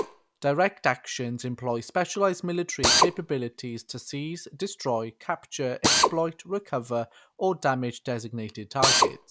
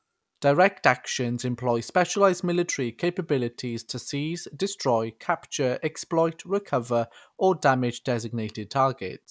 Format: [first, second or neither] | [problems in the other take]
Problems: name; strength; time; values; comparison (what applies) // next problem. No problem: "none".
second | background sound (Drill); 1 dB below the speech